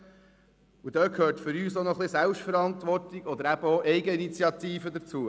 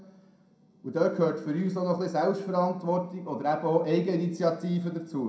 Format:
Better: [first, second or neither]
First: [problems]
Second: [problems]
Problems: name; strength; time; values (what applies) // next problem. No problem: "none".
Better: first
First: none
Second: room echo; dies away in 0.4 s